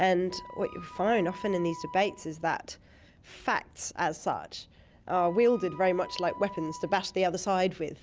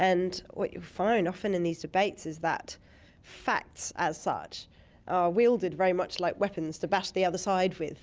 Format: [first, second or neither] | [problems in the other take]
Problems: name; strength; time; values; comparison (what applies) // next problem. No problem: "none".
second | background sound (Wind instrument, woodwind instrument); 16 dB below the speech